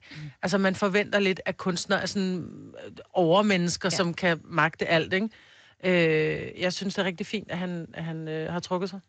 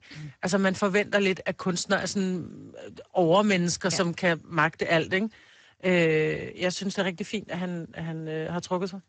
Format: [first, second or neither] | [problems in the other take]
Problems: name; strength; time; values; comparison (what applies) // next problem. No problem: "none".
first | garbled, watery; badly; nothing above 8 kHz; slightly in the first